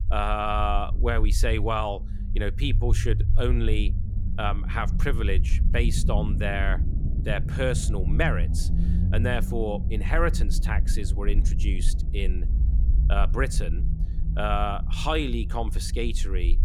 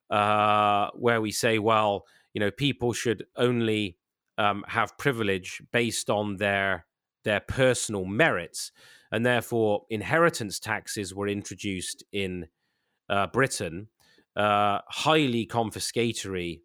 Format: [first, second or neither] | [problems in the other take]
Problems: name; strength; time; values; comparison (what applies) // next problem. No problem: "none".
second | low rumble; noticeable; throughout; 15 dB below the speech